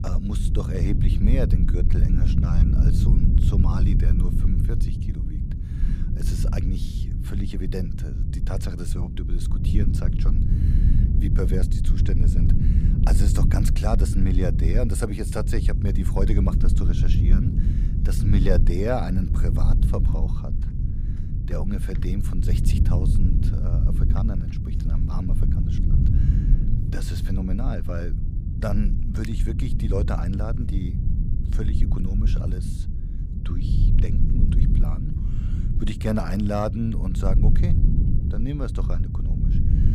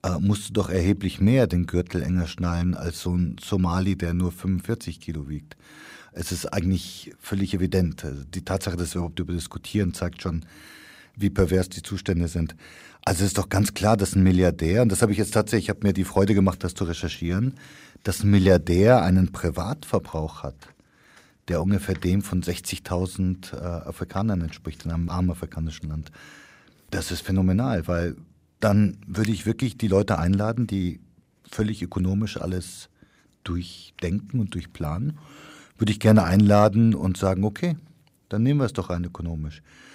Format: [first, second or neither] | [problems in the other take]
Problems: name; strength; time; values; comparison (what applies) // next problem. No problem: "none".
second | low rumble; loud; throughout; 3 dB below the speech